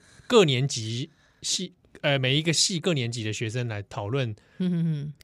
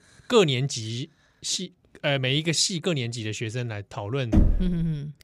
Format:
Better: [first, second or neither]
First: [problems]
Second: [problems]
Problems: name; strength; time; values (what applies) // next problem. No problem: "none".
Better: first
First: none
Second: door banging; loud; at 4.5 s; peak 3 dB above the speech